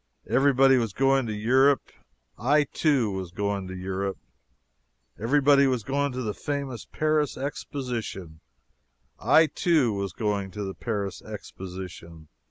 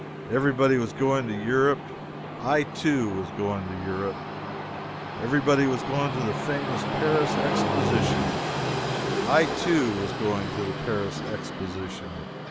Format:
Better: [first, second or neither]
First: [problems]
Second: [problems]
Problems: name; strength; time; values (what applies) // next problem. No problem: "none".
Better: first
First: none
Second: background sound (Train); 3 dB below the speech